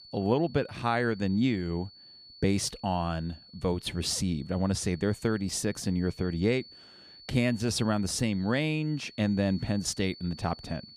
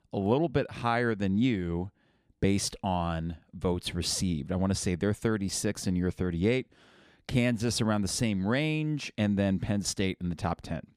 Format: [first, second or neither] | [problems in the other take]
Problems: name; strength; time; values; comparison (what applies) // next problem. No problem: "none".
second | high-pitched whine; noticeable; throughout; 4.5 kHz, 20 dB below the speech